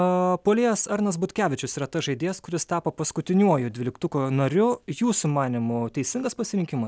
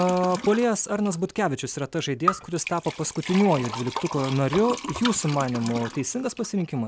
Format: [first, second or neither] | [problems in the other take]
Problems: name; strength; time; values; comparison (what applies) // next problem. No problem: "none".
first | background sound (Liquid); 10 dB below the speech